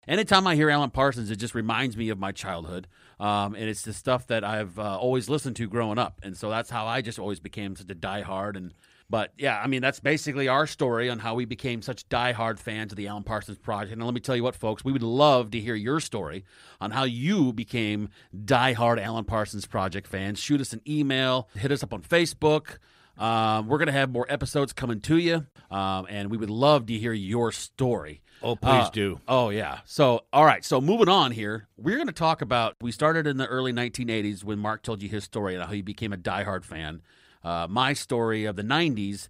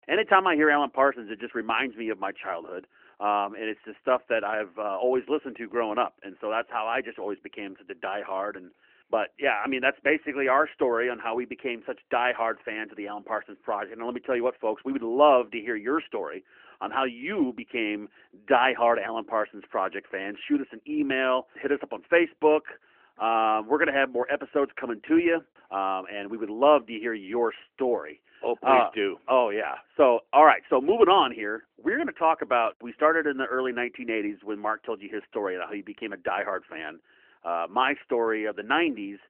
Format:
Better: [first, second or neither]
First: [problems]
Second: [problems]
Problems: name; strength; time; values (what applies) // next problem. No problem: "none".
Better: first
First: none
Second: phone-call audio; nothing above 3 kHz